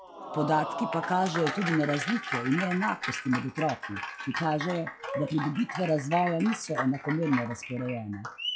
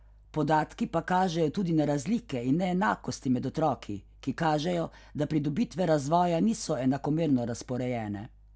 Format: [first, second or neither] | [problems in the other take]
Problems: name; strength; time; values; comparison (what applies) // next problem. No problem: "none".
second | noise reduction (classical method log-MMSE)